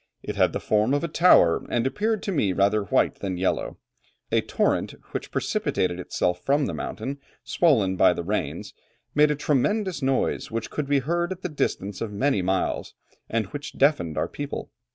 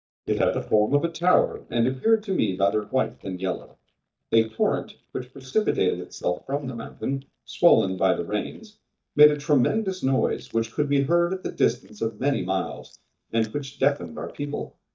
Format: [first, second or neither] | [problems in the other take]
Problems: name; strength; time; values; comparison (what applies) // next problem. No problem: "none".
first | noise reduction (neural mask model DeepFilterNet 3)